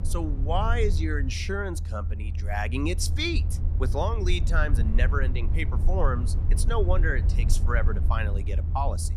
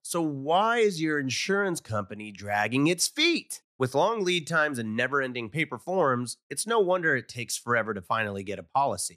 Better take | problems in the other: second | low rumble; noticeable; throughout; 15 dB below the speech

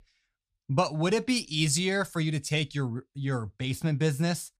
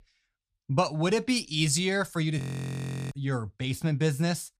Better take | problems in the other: first | audio freezing; at 2.5 s for 0.5 s

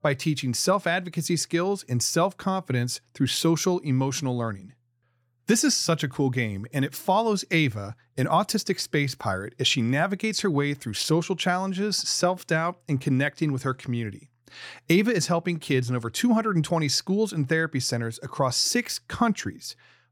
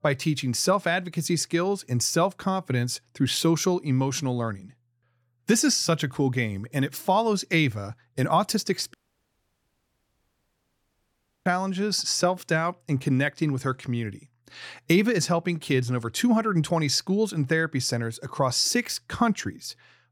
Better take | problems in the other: first | audio cutting out; at 9 s for 2.5 s

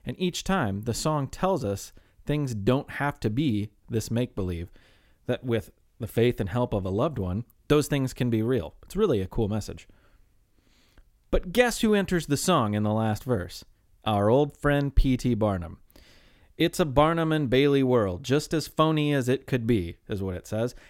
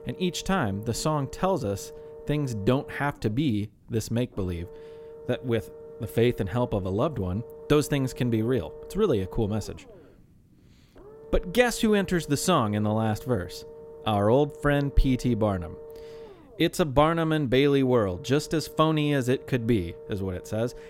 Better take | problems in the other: first | low rumble; noticeable; throughout; 15 dB below the speech

